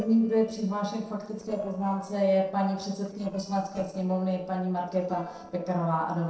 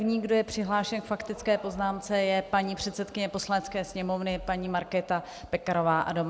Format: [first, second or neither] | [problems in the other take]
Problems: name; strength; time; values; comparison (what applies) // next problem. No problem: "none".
second | noise reduction (neural separator model SepFormer DNS4)